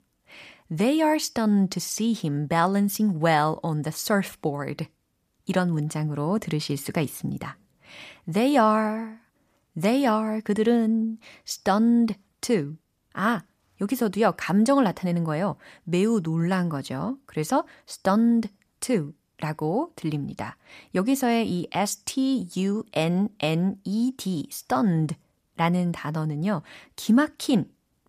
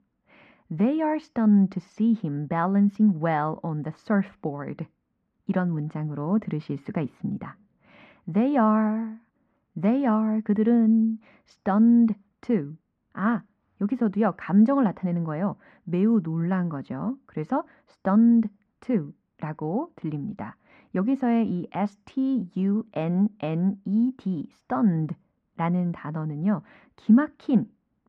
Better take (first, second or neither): first